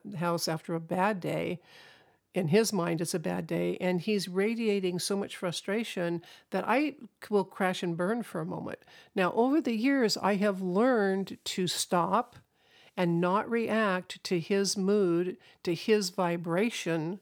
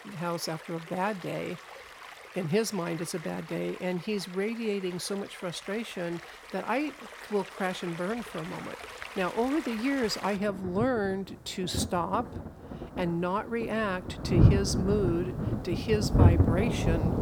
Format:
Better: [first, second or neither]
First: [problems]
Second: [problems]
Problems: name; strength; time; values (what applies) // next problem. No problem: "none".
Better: first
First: none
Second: rain or running water; very loud; throughout; 1 dB above the speech